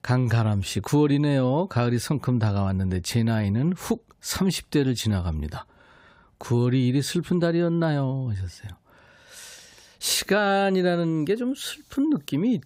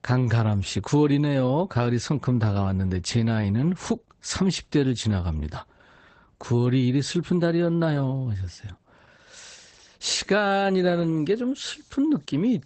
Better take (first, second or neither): first